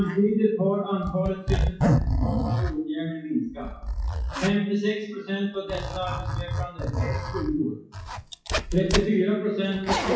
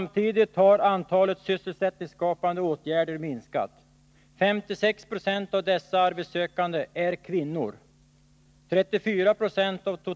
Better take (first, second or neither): second